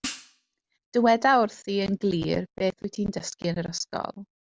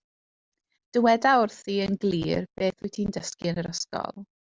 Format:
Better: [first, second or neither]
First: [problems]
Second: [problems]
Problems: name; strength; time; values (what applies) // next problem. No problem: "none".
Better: second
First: background sound (Hi-hat); 13 dB below the speech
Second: none